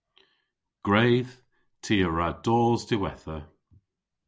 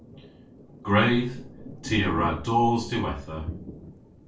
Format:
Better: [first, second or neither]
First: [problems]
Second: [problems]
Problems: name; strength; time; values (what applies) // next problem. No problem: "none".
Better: first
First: none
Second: background sound (Thunder); 13 dB below the speech // room echo; dies away in 0.3 s